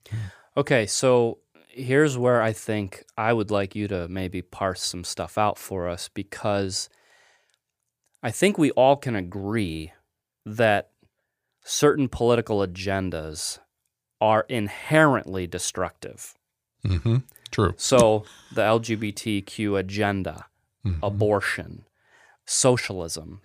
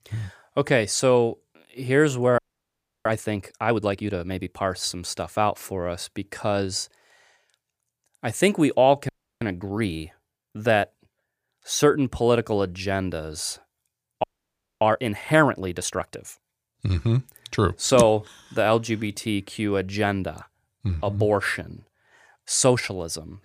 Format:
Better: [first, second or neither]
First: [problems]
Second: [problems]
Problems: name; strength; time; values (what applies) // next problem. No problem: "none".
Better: first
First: none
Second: audio freezing; at 2.5 s for 0.5 s, at 9 s and at 14 s for 0.5 s